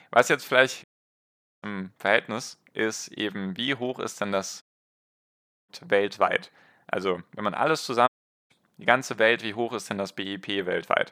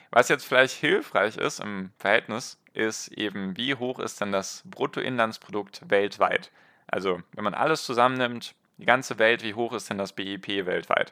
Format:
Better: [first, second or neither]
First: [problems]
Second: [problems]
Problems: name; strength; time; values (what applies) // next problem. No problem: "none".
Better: second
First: audio cutting out; at 1 s for 1 s, at 4.5 s for 1 s and at 8 s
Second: none